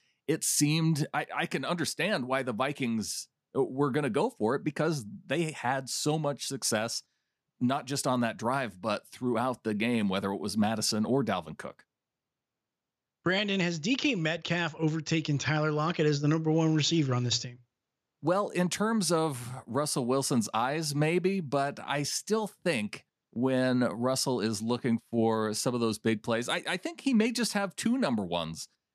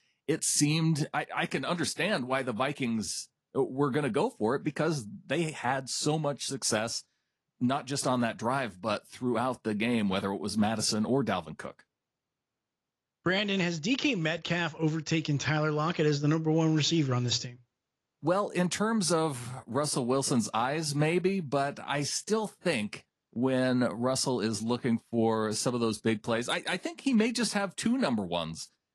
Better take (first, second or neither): first